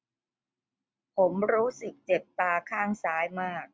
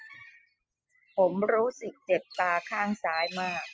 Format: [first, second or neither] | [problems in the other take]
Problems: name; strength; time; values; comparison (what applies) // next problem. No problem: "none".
first | noise reduction (classical method spectral subtraction)